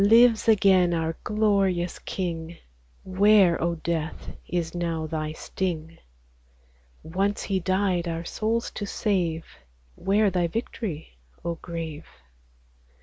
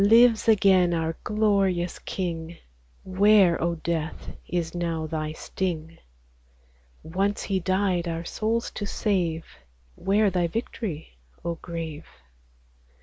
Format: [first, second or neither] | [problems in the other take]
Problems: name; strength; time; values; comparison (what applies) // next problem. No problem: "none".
first | background sound (Breathing); 13 dB below the speech